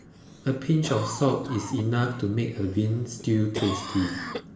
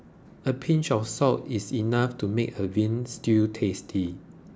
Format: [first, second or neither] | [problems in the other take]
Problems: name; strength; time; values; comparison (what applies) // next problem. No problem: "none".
second | background sound (Cough); 13 dB below the speech // room echo; dies away in 1.2 s